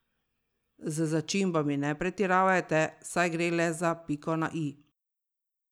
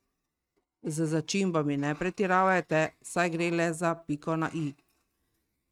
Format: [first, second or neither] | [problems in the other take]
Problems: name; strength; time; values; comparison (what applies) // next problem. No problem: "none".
first | noise reduction (neural mask model RNNoise)